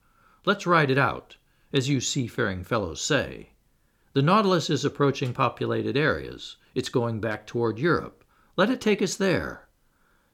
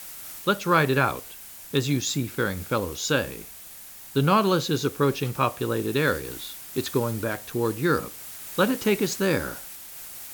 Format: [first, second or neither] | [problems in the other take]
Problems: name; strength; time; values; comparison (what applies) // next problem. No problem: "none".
first | hiss; noticeable; throughout; 15 dB below the speech